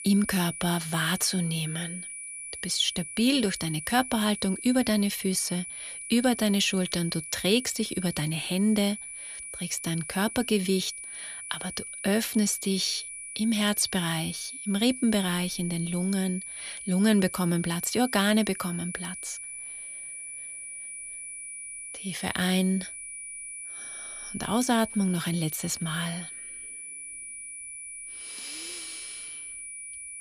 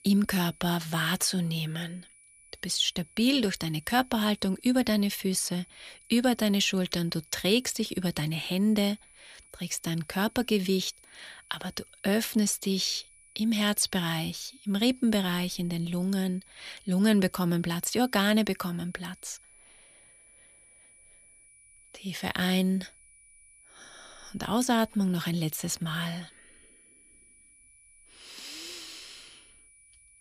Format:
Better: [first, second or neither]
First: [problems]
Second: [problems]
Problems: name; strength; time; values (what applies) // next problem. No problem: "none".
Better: second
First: high-pitched whine; loud; throughout; 10 kHz, 10 dB below the speech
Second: high-pitched whine; faint; throughout; 10 kHz, 25 dB below the speech